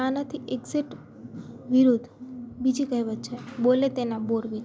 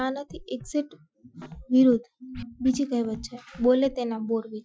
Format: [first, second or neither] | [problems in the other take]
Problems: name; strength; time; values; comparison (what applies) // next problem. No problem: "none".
first | noise reduction (classical method Wiener filter)